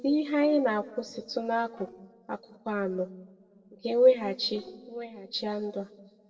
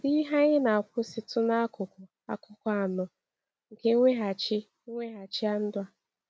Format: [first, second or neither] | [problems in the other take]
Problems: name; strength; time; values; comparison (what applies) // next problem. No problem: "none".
second | noise reduction (neural separator model SepFormer DNS4)